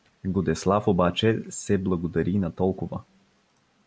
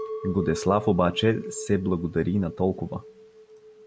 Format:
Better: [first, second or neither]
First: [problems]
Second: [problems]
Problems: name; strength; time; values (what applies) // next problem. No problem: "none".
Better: first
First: none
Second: background sound (Chink, clink); 12 dB below the speech